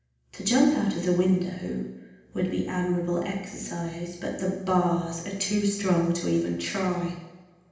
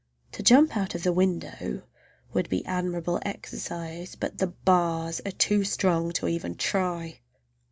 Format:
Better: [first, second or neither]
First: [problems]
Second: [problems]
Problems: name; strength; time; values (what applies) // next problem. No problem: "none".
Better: second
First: room echo; dies away in 0.9 s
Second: none